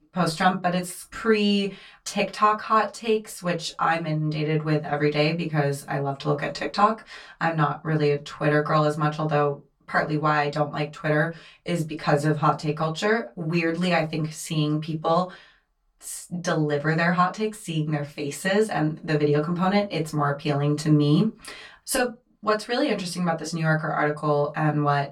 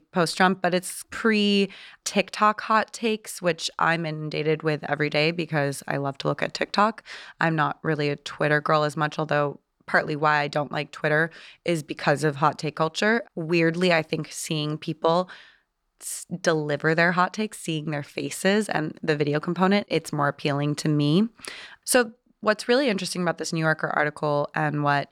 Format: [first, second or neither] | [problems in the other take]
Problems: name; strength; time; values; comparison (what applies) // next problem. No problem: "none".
second | off-mic speech; far // room echo; very slight; dies away in 0.2 s